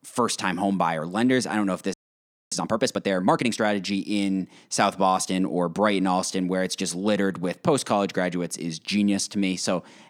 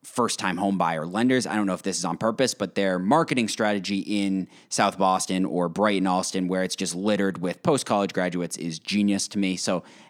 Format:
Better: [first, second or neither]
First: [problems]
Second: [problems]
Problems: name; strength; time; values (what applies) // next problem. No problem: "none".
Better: second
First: audio freezing; at 2 s for 0.5 s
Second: none